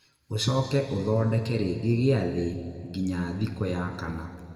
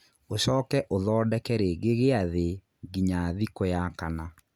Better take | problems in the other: second | room echo; dies away in 2.2 s

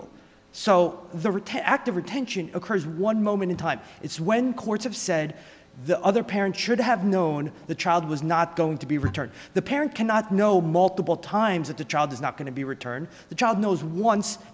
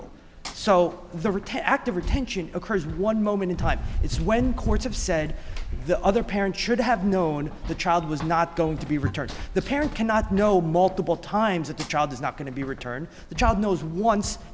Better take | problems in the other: first | background sound (Run); 8 dB below the speech

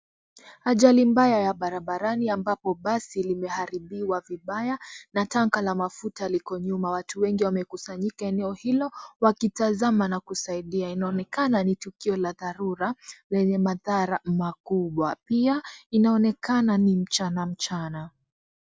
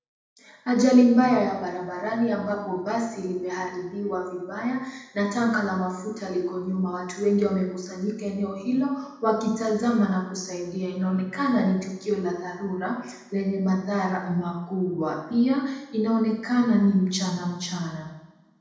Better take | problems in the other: first | room echo; dies away in 0.9 s

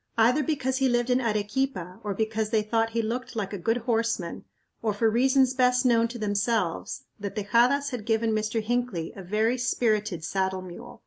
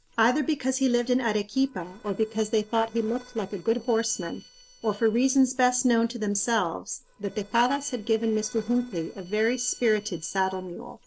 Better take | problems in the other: first | noise reduction (neural separator model SepFormer DNS4)

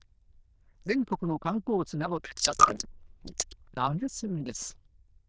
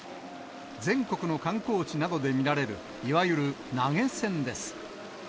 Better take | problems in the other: second | noise reduction (neural diffusion model UNIVERSE++)

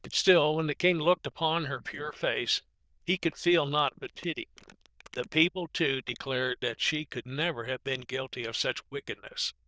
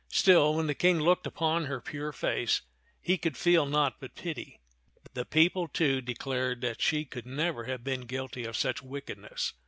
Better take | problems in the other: second | noise reduction (neural diffusion model UNIVERSE++)

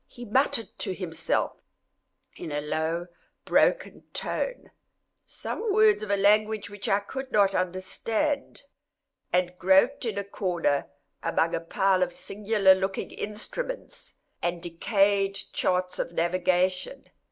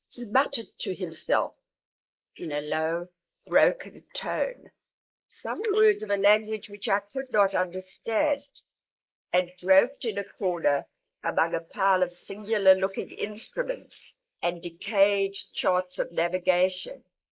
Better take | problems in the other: first | noise reduction (neural mask model Resemble Enhance denoiser)

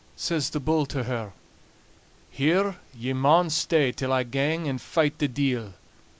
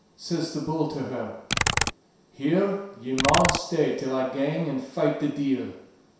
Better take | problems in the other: first | background sound (Computer keyboard); 3 dB below the speech // room echo; dies away in 0.7 s

